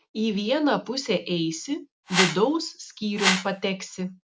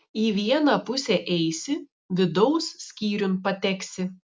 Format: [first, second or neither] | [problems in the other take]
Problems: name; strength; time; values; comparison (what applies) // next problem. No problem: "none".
second | background sound (Whoosh, swoosh, swish); as loud as the speech